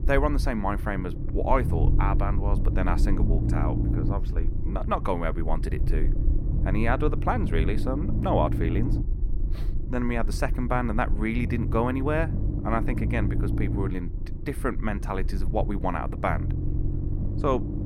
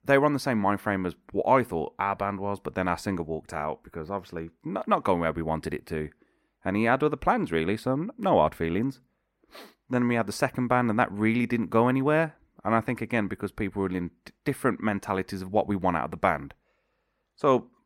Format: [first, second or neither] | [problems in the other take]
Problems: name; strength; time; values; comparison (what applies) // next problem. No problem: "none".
second | low rumble; noticeable; throughout; 10 dB below the speech